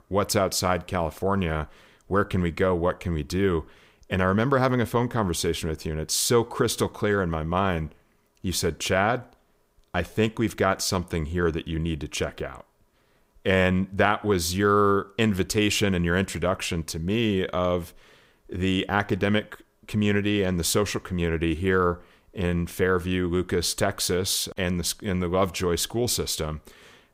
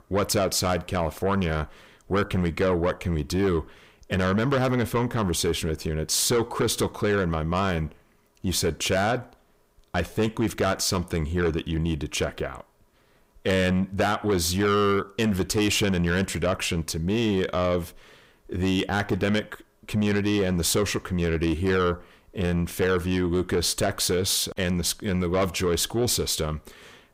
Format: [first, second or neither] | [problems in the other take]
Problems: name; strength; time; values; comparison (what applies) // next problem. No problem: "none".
first | distortion; slight; 10 dB below the speech